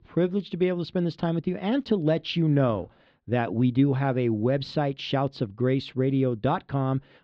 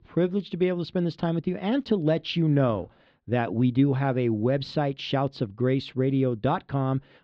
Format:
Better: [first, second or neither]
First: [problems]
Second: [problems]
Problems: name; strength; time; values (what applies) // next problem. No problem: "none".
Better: neither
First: muffled; slightly; fading above 4 kHz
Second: muffled; slightly; fading above 4 kHz